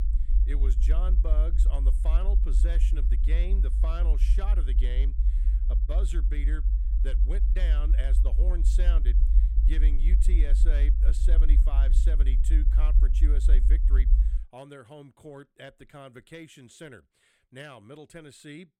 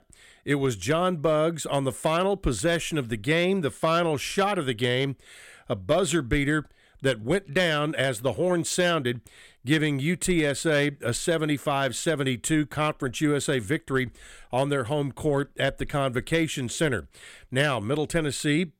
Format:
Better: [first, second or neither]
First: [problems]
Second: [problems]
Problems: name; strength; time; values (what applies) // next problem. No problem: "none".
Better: second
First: low rumble; loud; until 14 s; 5 dB below the speech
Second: none